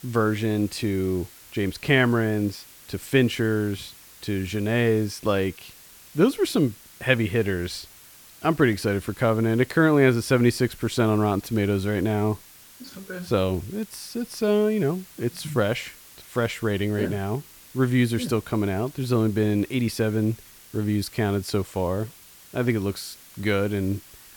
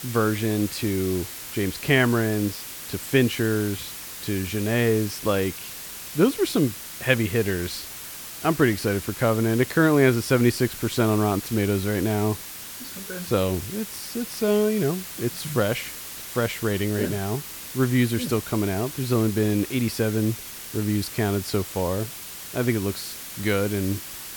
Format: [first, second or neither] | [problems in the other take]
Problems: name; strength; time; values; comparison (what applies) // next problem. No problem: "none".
first | hiss; loud; throughout; 10 dB below the speech; faint in the first